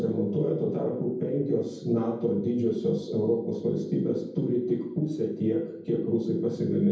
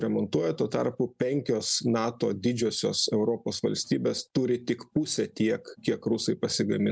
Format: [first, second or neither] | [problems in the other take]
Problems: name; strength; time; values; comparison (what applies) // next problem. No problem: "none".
second | room echo; dies away in 0.9 s